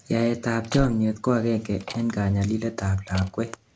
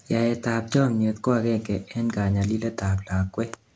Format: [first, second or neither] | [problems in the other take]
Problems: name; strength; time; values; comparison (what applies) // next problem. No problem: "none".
second | background sound (Slam + Bird); 15 dB below the speech